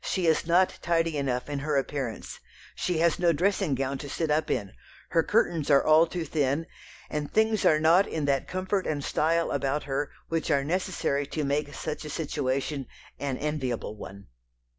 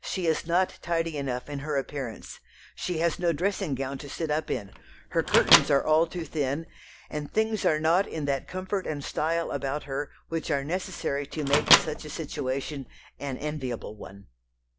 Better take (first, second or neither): first